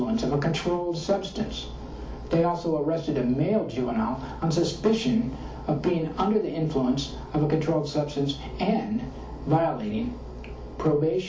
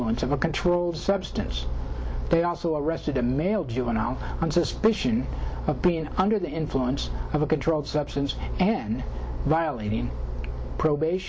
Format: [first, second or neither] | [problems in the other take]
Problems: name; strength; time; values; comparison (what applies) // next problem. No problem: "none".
second | room echo; dies away in 0.4 s